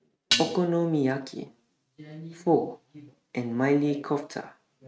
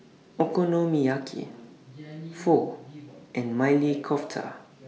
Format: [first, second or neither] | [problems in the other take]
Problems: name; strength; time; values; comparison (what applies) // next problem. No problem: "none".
second | noise reduction (neural mask model RNNoise)